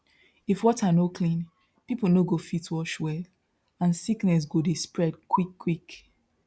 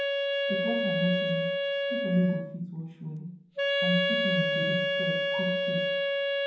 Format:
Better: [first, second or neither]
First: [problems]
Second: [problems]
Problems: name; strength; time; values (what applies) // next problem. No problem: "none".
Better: first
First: none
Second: background sound (Wind instrument, woodwind instrument); 4 dB above the speech // room echo; dies away in 0.9 s